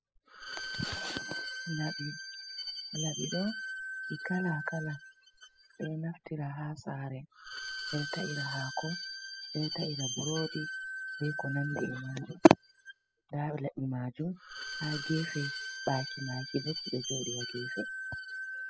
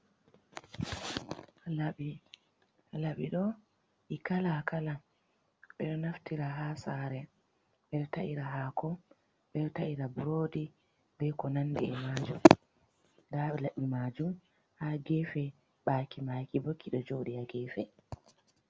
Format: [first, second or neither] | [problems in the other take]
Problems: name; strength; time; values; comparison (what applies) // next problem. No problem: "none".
second | noise reduction (classical method spectral subtraction)